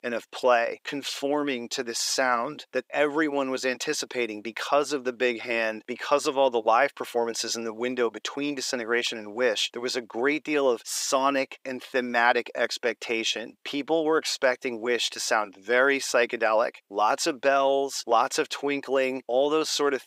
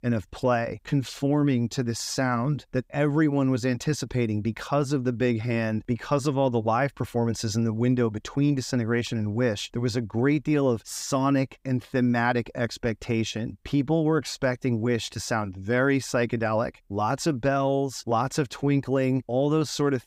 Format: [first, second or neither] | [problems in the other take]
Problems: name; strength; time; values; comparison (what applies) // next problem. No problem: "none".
second | thin; somewhat; fading below 400 Hz